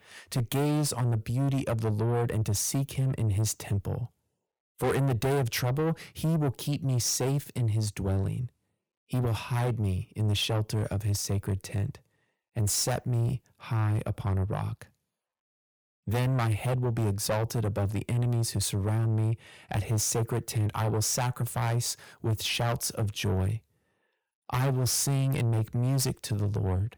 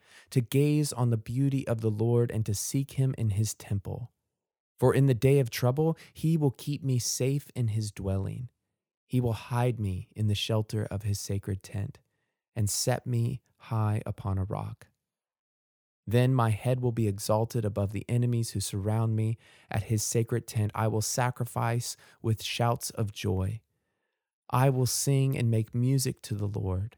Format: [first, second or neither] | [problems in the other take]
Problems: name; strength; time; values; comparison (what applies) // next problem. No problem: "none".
second | distortion; heavy; 7 dB below the speech